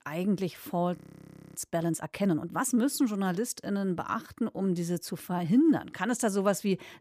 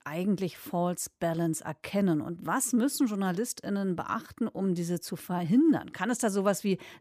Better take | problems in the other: second | audio freezing; at 1 s for 0.5 s

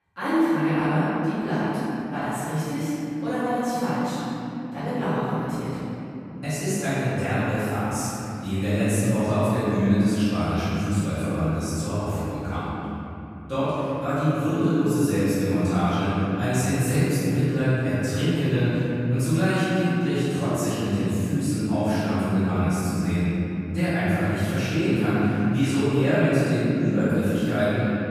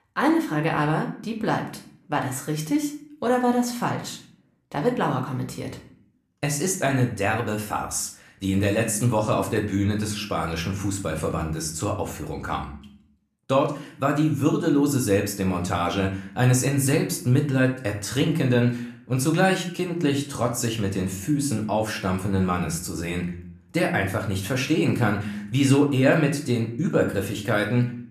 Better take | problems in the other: second | room echo; strong; dies away in 3 s; slight in the second // off-mic speech; far; somewhat distant in the second

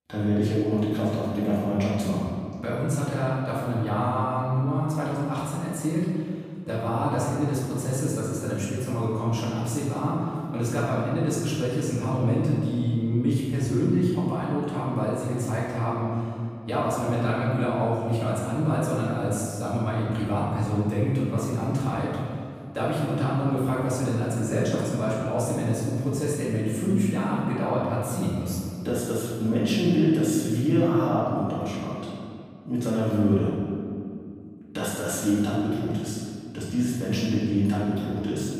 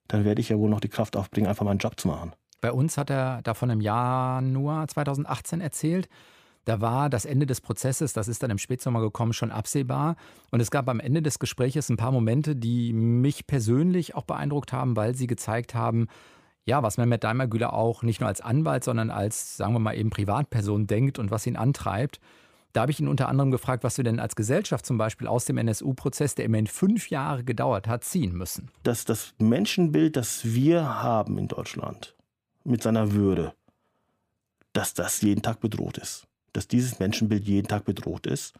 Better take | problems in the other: second | off-mic speech; far // room echo; strong; dies away in 2 s

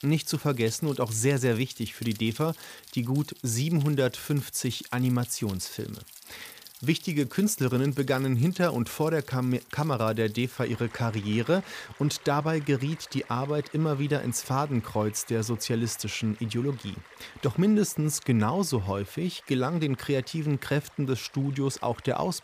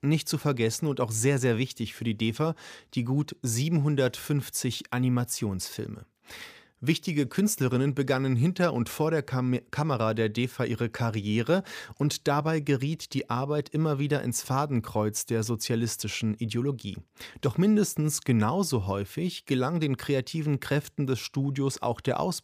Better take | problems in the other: second | rain or running water; faint; throughout; 20 dB below the speech

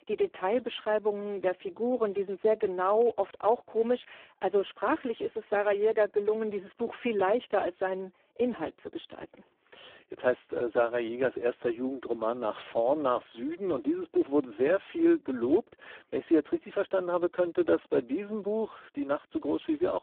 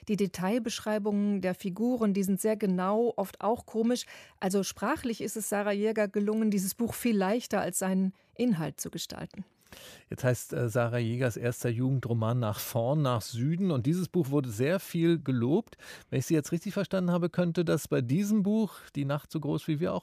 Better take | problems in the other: second | phone-call audio; poor line

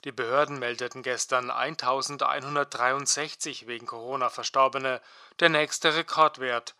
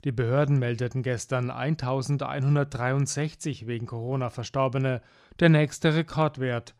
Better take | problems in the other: second | thin; very; fading below 550 Hz

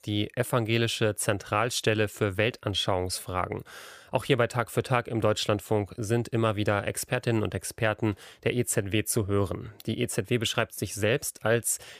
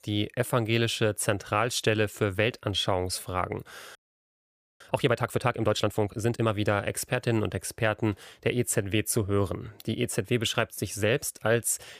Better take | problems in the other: first | audio freezing; at 4 s for 1 s

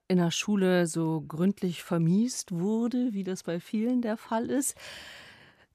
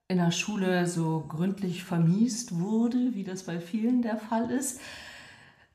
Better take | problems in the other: first | room echo; very slight; dies away in 0.6 s

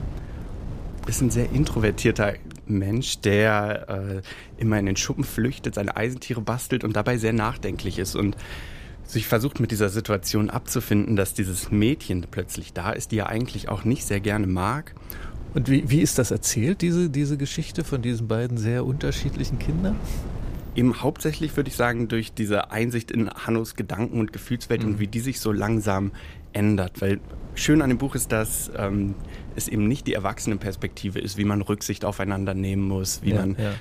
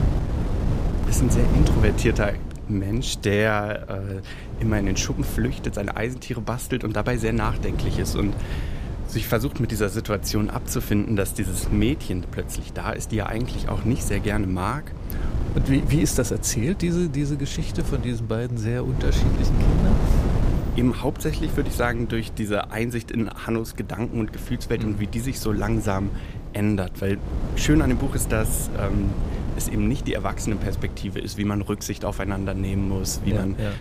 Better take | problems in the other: first | wind noise on the microphone; heavy; 9 dB below the speech; occasional gusts in the first

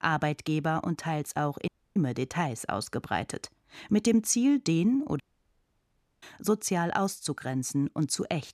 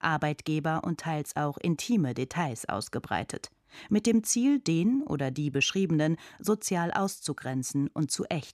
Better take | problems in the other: second | audio cutting out; at 1.5 s and at 5 s for 1 s

